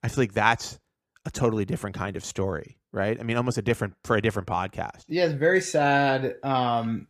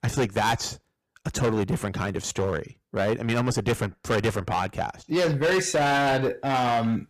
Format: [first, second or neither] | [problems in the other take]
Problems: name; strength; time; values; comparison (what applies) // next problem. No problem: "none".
first | distortion; heavy; 14% of the sound clipped